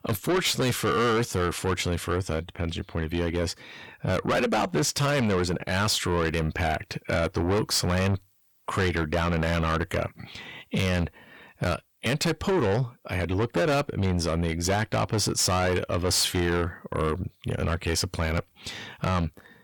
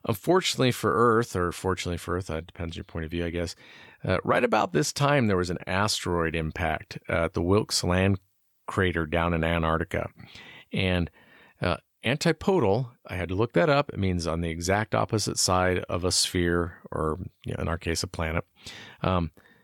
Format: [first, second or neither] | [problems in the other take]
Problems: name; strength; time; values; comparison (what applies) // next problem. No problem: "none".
second | distortion; heavy; 7 dB below the speech